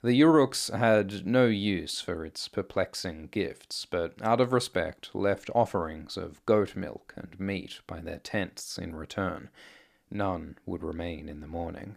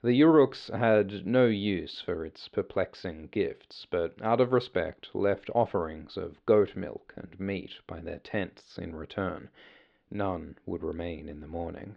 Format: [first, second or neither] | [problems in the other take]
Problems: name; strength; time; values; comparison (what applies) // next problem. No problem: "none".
first | muffled; slightly; fading above 3.5 kHz